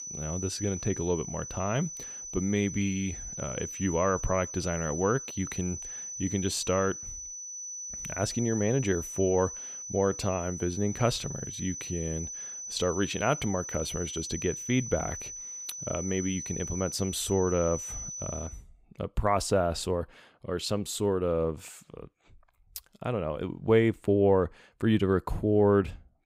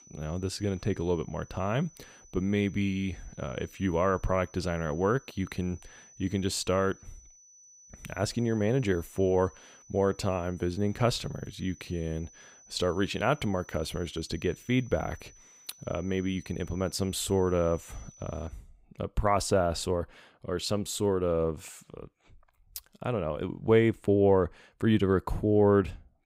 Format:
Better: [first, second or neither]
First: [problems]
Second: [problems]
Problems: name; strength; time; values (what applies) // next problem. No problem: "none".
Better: second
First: high-pitched whine; loud; until 18 s; 6 kHz, 7 dB below the speech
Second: high-pitched whine; faint; until 18 s; 6 kHz, 25 dB below the speech